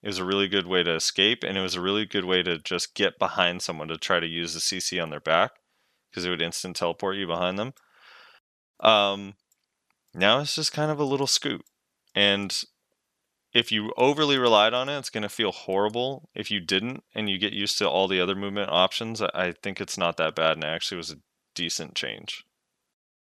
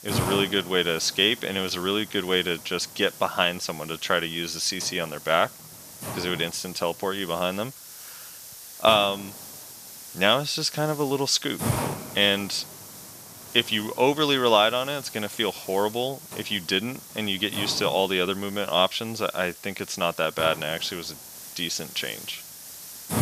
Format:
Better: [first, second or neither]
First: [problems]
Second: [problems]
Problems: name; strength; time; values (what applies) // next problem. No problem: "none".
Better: first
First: none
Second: hiss; noticeable; throughout; 15 dB below the speech